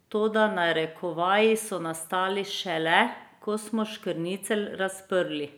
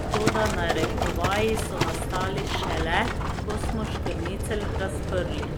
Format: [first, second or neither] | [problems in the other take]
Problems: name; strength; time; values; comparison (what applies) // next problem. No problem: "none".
first | background sound (Livestock, farm animals, working animals); 3 dB above the speech